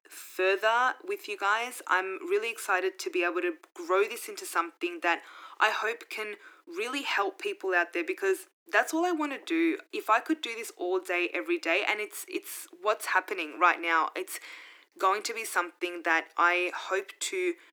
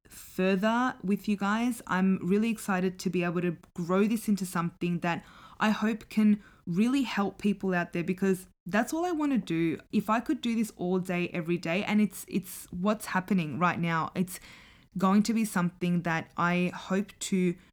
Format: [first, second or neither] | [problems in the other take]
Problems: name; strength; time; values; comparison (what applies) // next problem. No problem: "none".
second | thin; very; fading below 300 Hz